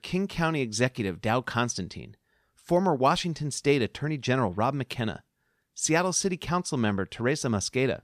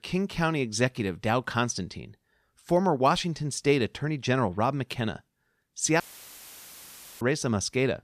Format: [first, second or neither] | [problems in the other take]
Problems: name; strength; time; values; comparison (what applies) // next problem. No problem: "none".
first | audio cutting out; filled with static; at 6 s for 1 s